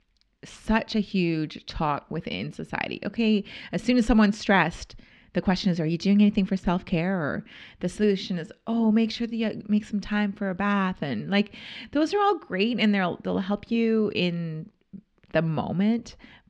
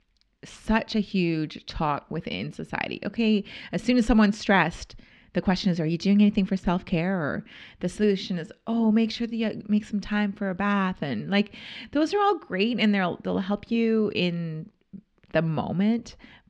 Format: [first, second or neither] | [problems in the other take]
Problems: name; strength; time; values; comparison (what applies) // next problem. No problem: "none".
neither | muffled; very slightly; fading above 3 kHz; the same in both